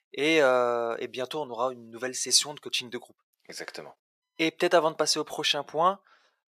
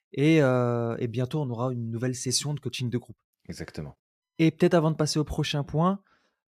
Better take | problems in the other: second | thin; very; fading below 650 Hz

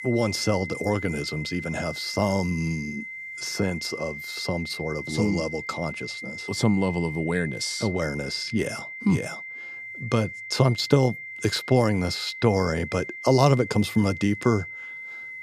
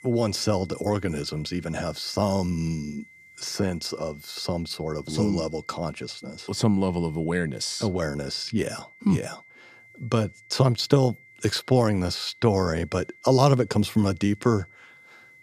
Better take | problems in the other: second | high-pitched whine; loud; throughout; 2 kHz, 10 dB below the speech; faint in the second

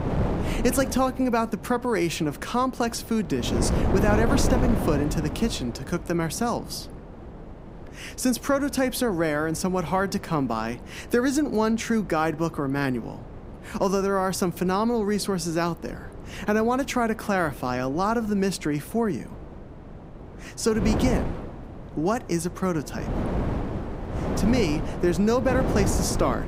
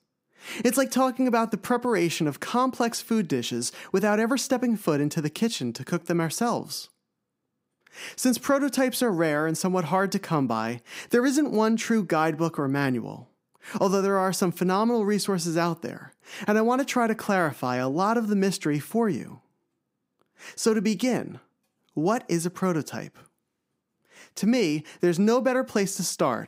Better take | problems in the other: second | wind noise on the microphone; heavy; 9 dB below the speech

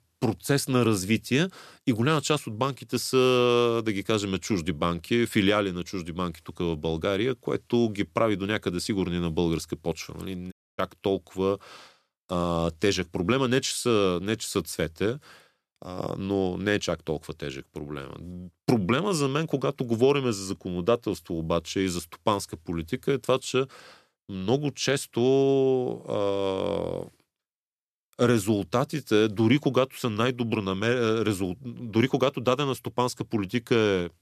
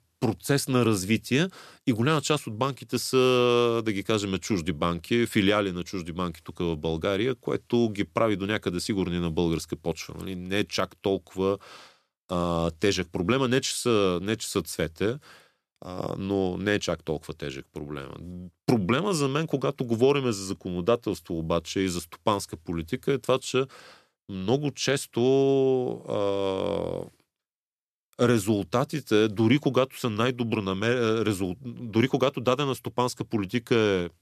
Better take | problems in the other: second | audio cutting out; at 11 s

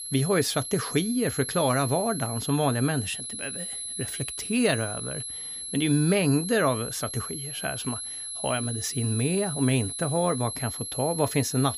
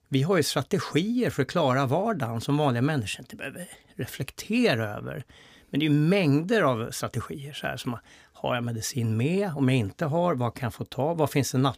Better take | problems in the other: second | high-pitched whine; loud; throughout; 11 kHz, 5 dB below the speech

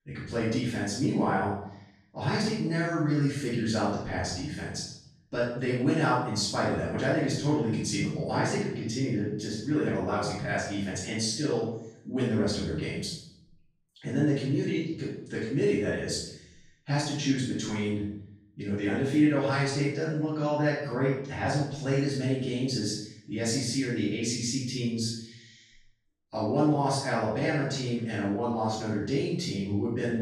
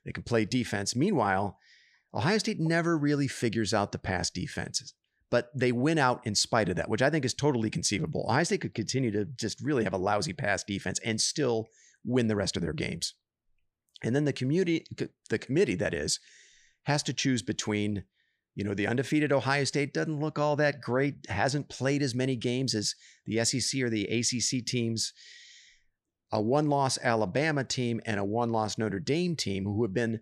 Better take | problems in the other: second | room echo; noticeable; dies away in 0.6 s // off-mic speech; far

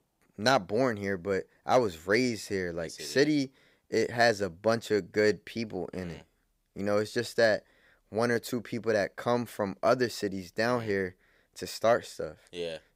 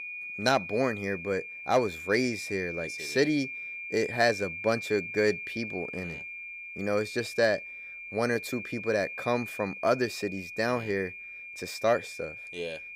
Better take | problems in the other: first | high-pitched whine; loud; throughout; 2.5 kHz, 8 dB below the speech

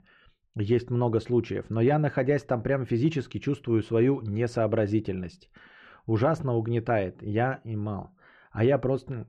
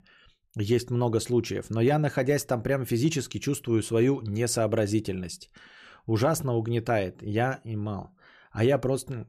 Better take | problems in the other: second | muffled; very; fading above 2.5 kHz

